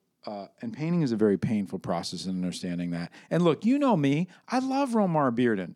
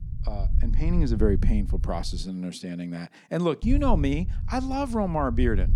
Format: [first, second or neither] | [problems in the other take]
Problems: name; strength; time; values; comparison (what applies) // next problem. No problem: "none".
first | low rumble; noticeable; until 2 s and from 3.5 s on; 15 dB below the speech